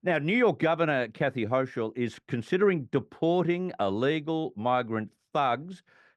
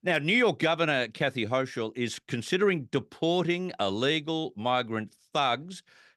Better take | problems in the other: second | muffled; slightly; fading above 2.5 kHz

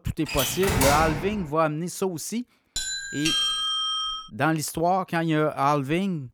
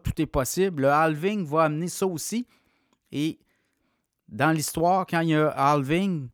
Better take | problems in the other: second | door banging; loud; until 1.5 s; peak 3 dB above the speech // doorbell; loud; from 3 to 4 s; peak 3 dB above the speech

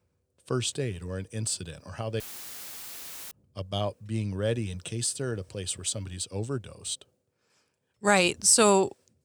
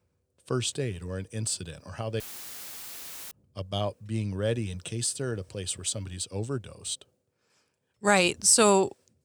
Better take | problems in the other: neither | audio cutting out; filled with static; at 2 s for 1 s; the same in both

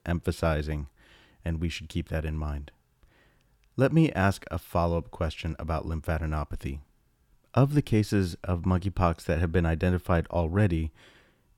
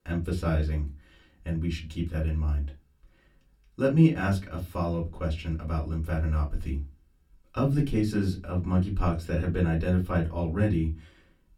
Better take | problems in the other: first | off-mic speech; far // room echo; very slight; dies away in 0.2 s

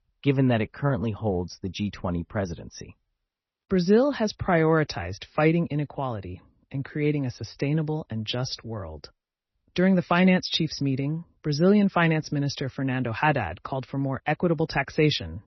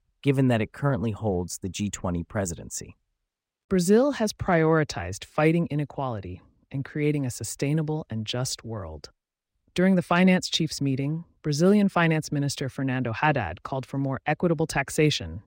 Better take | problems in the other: second | garbled, watery; slightly; nothing above 6 kHz

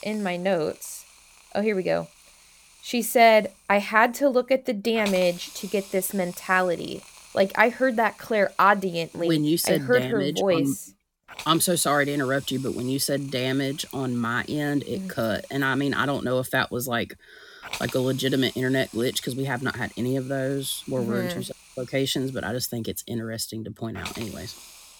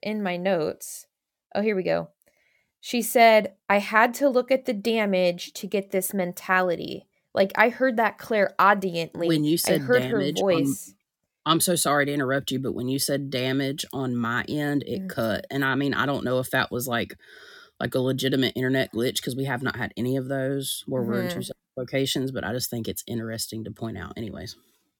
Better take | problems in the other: second | hiss; noticeable; throughout; 20 dB below the speech

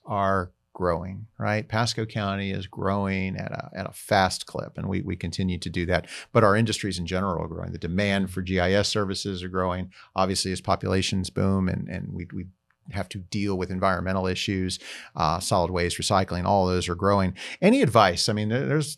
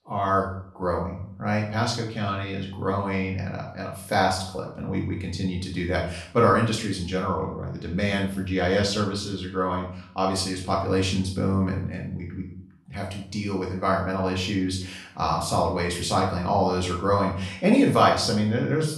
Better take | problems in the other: first | room echo; noticeable; dies away in 0.5 s // off-mic speech; far

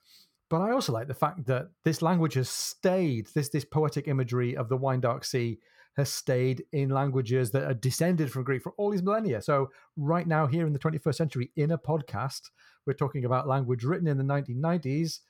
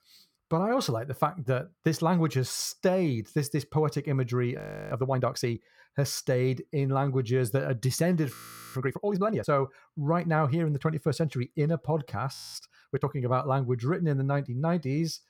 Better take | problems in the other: first | audio freezing; at 4.5 s, at 8.5 s and at 12 s

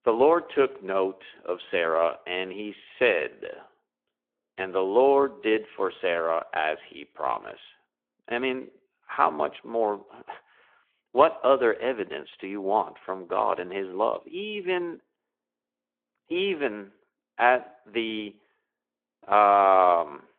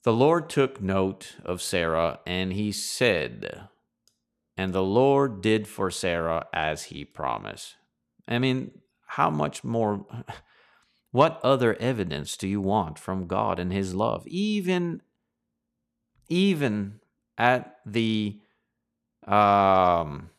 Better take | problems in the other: second | phone-call audio

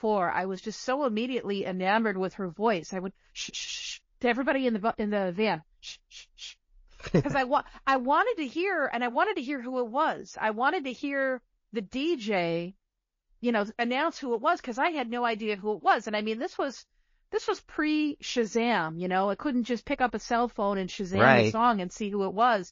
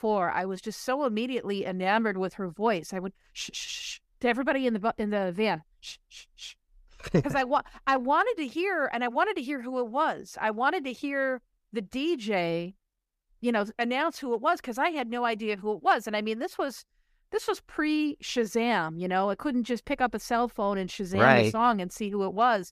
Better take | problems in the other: second | garbled, watery; slightly; nothing above 7 kHz

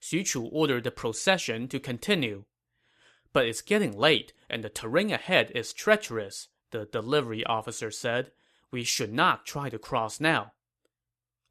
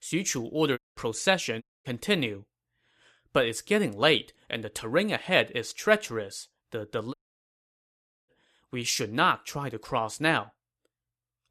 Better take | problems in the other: first | audio cutting out; at 1 s, at 1.5 s and at 7 s for 1 s

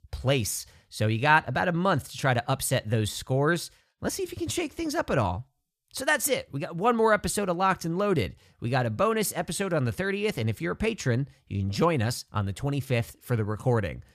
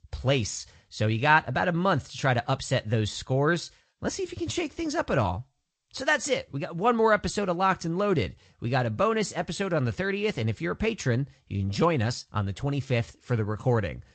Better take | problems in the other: first | garbled, watery; slightly; nothing above 8 kHz

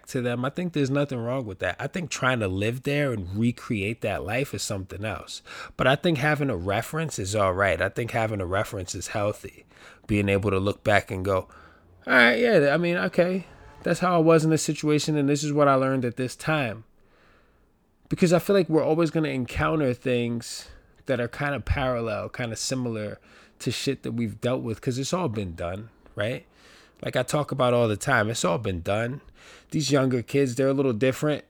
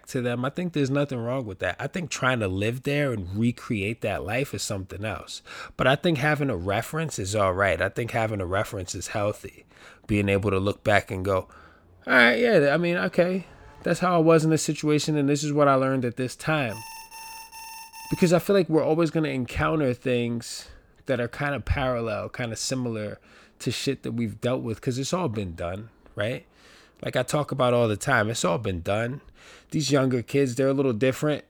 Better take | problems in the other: first | alarm; faint; from 17 to 18 s; peak 15 dB below the speech

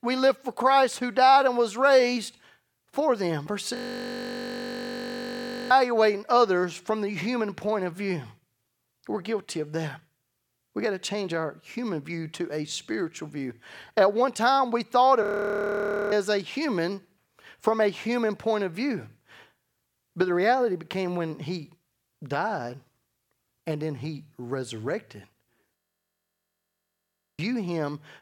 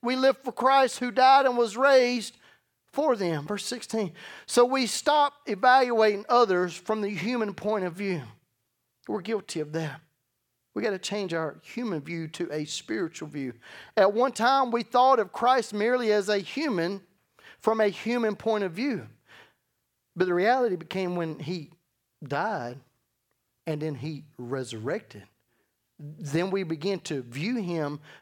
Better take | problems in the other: second | audio freezing; at 4 s for 2 s, at 15 s for 1 s and at 26 s for 1.5 s

